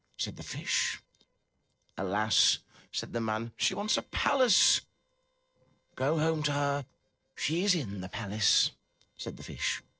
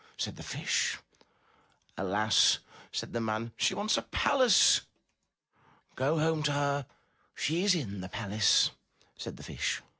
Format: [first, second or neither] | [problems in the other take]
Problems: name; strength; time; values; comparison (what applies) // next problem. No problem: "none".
second | noise reduction (neural separator model SepFormer DNS4)